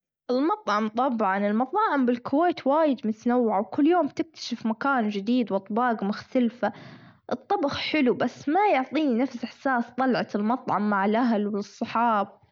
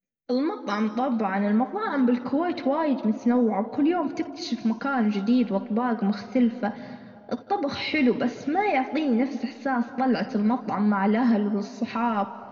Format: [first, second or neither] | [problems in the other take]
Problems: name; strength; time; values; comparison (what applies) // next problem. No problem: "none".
first | room echo; dies away in 1.4 s